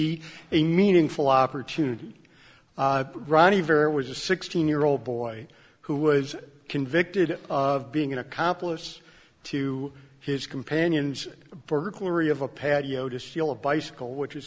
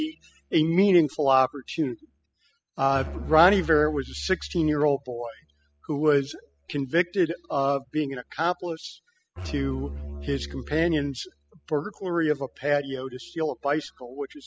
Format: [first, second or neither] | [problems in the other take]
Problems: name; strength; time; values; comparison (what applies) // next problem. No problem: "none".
first | noise reduction (classical method spectral subtraction)